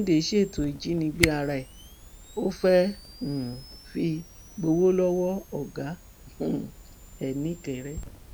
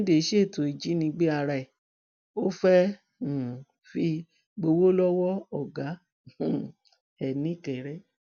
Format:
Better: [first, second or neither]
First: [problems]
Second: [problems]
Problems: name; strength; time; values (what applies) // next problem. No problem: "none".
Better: second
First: background sound (Camera); 12 dB below the speech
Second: none